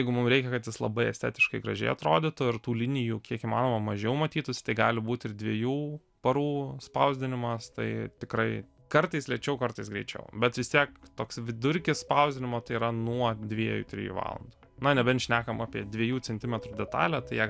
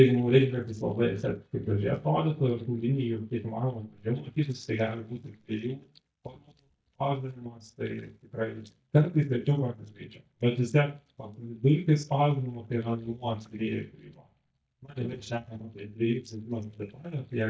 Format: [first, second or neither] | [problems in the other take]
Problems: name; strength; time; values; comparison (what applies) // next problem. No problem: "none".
first | noise reduction (neural mask model DeepFilterNet 3)